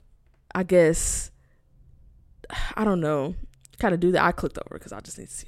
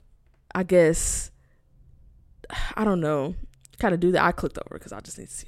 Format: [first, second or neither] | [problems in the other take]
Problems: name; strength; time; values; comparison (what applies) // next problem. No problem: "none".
neither | none